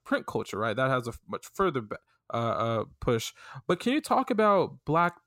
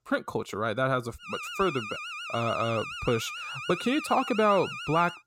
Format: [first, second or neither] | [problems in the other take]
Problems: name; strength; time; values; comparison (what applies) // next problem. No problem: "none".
first | alarm; noticeable; from 1 s on; peak 7 dB below the speech